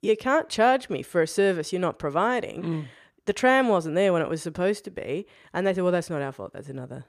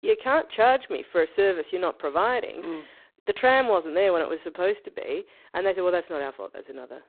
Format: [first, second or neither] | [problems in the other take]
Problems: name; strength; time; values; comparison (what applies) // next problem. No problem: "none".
first | phone-call audio; poor line; nothing above 4 kHz